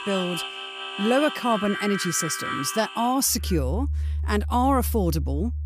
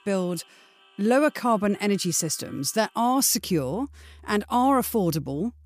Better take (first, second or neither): second